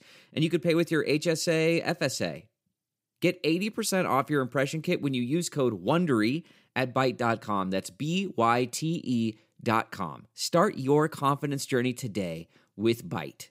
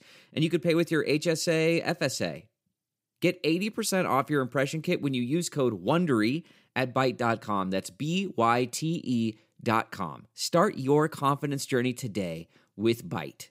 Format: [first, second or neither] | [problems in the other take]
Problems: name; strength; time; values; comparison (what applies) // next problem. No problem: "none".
neither | none